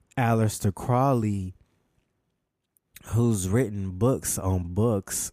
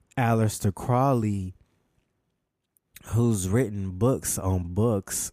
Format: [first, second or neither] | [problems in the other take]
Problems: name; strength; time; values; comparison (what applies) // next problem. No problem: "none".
neither | none